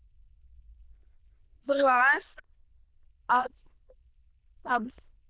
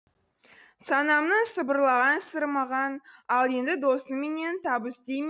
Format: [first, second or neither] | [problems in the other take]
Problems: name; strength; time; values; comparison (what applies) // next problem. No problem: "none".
second | noise reduction (neural diffusion model UNIVERSE++)